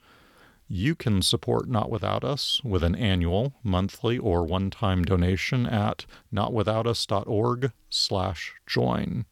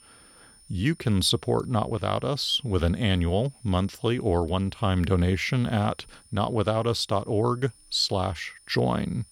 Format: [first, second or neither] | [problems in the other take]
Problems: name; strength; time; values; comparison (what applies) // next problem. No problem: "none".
first | high-pitched whine; faint; throughout; 9.5 kHz, 25 dB below the speech